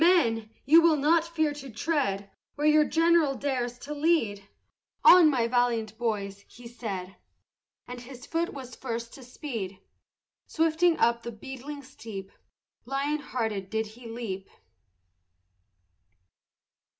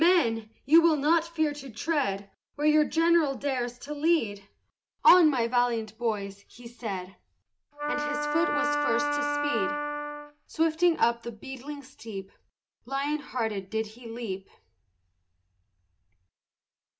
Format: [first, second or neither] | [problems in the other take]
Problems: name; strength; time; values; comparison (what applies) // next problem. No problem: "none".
first | background sound (Wind instrument, woodwind instrument); 1 dB below the speech